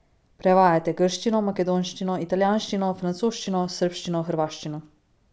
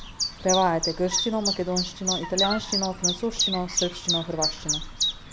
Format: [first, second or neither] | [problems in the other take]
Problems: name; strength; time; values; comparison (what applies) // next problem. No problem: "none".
first | background sound (Chirp, tweet); 1 dB below the speech